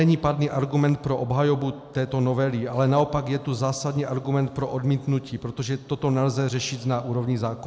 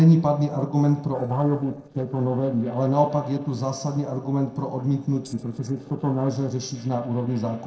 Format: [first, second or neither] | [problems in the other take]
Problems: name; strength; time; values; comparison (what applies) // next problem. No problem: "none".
first | noise reduction (neural separator model SepFormer DNS4)